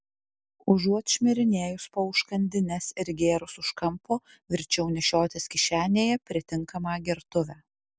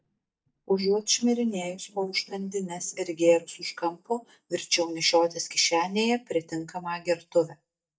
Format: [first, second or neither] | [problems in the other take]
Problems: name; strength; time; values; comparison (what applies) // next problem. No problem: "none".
first | noise reduction (neural mask model DeepFilterNet 3)